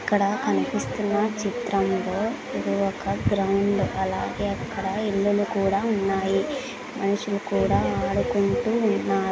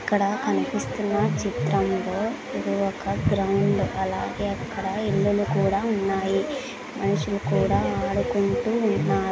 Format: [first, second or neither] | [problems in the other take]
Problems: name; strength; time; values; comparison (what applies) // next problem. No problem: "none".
first | background sound (Telephone); 8 dB below the speech